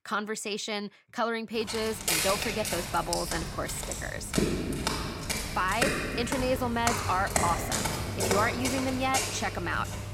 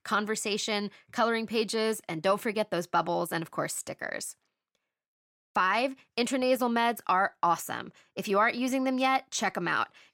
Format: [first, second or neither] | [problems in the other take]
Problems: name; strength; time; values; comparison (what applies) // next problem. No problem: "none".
second | footsteps; loud; from 1.5 s on; peak 5 dB above the speech